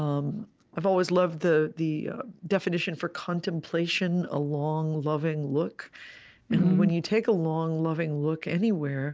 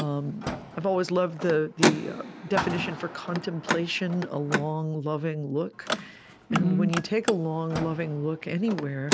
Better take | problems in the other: first | background sound (Car); 4 dB below the speech

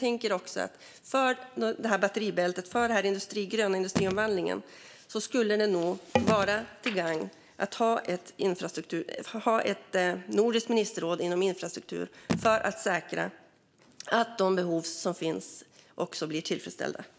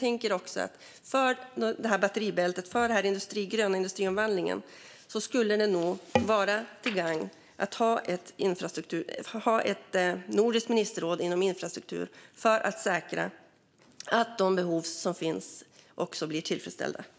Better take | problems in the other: second | background sound (Telephone); 7 dB below the speech

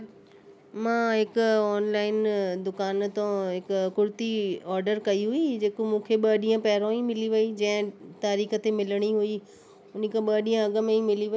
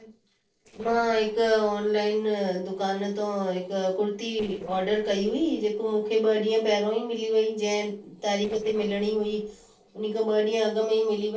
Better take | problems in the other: first | noise reduction (neural separator model SepFormer DNS4)

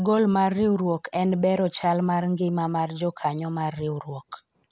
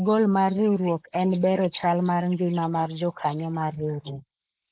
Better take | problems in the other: first | noise reduction (neural mask model Resemble Enhance denoiser)

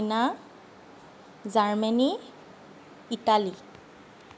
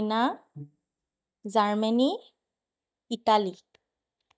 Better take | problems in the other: first | noise reduction (neural mask model DeepFilterNet 3)

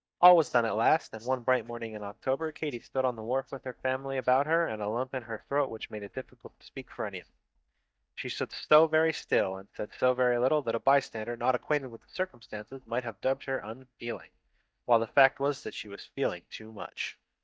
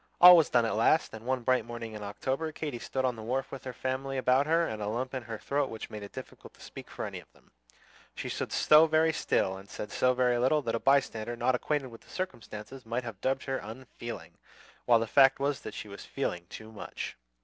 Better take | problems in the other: second | noise reduction (neural mask model DeepFilterNet 3)

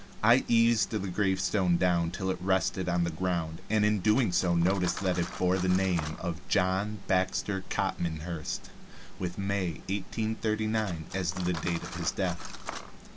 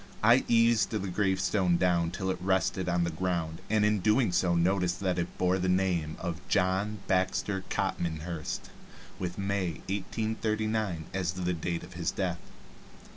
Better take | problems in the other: second | background sound (Cutlery, silverware); 18 dB below the speech

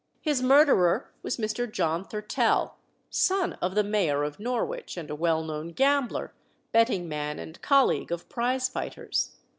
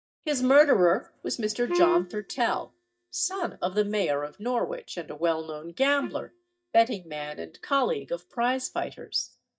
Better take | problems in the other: first | noise reduction (neural mask model DeepFilterNet 3)

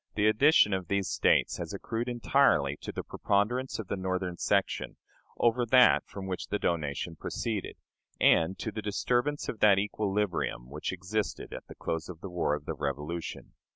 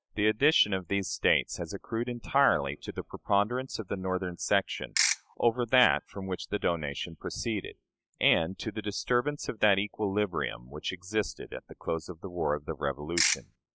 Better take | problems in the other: first | noise reduction (classical method log-MMSE)

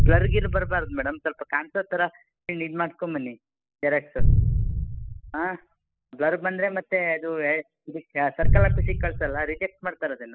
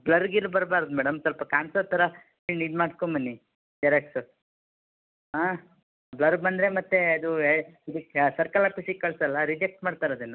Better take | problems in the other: second | noise reduction (classical method spectral subtraction)

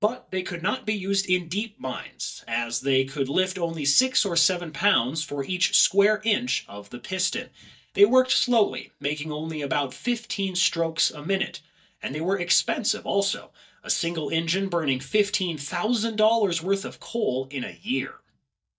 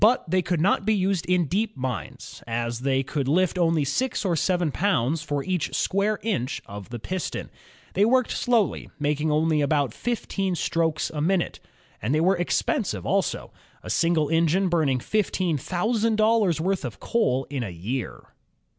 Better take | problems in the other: second | noise reduction (neural mask model DeepFilterNet 3)

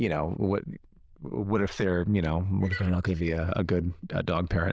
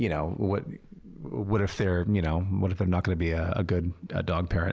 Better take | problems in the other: second | noise reduction (neural diffusion model UNIVERSE++)

